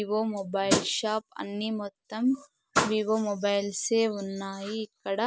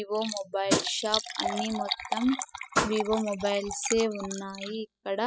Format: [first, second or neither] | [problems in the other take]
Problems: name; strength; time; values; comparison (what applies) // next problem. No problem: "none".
first | noise reduction (classical method spectral subtraction)